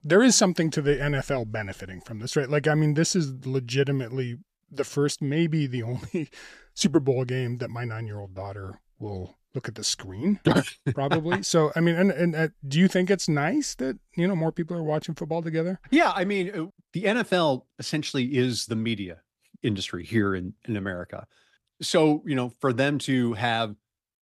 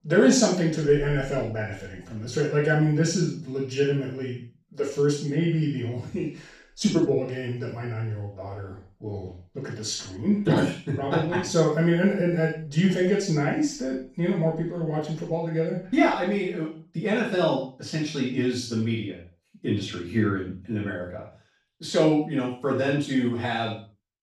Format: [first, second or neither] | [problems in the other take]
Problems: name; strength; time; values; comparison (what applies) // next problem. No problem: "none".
first | room echo; strong; dies away in 0.4 s // off-mic speech; far